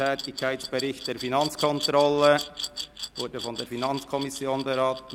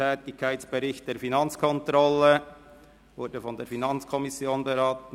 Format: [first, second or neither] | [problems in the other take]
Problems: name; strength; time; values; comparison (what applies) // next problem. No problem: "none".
second | background sound (Glass); 11 dB below the speech